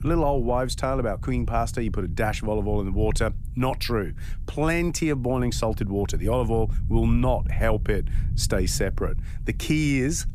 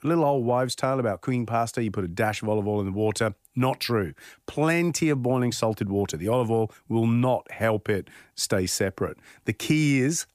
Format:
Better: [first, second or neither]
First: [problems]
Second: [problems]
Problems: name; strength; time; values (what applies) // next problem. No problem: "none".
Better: second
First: low rumble; faint; throughout; 20 dB below the speech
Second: none